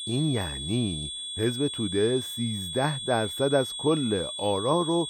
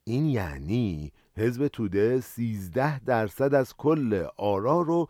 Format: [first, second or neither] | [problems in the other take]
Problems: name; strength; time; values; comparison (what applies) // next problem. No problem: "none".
second | high-pitched whine; loud; throughout; 3.5 kHz, 5 dB below the speech